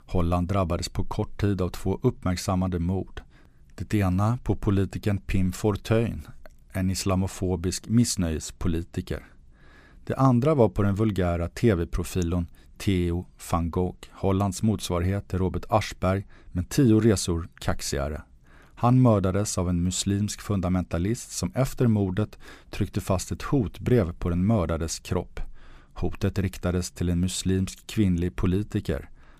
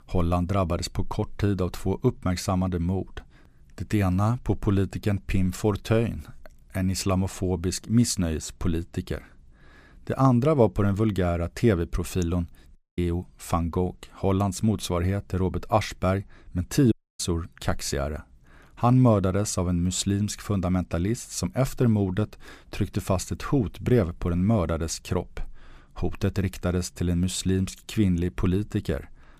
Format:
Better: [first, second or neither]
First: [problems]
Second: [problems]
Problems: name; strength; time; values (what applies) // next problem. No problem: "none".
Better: first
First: none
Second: audio cutting out; at 13 s and at 17 s